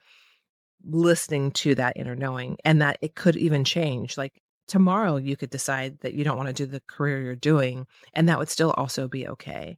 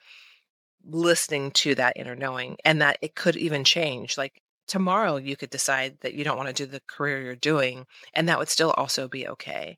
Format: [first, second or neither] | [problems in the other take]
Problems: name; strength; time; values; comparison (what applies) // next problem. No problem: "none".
first | thin; somewhat; fading below 1 kHz